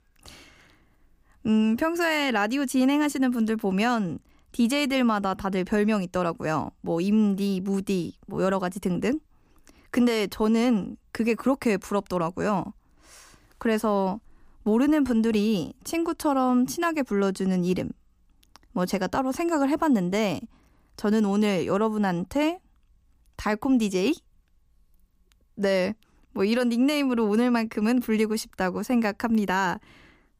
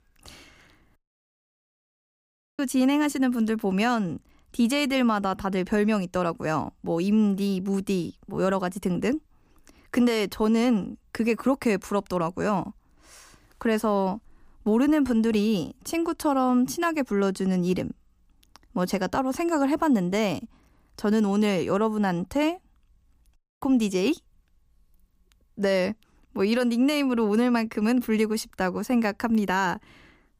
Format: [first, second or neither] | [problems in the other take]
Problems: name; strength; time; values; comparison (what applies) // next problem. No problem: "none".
first | audio cutting out; at 1 s for 1.5 s and at 23 s